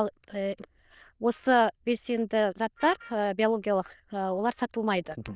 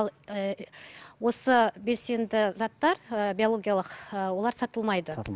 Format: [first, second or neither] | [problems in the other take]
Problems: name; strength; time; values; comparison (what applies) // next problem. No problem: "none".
second | noise reduction (neural diffusion model UNIVERSE++)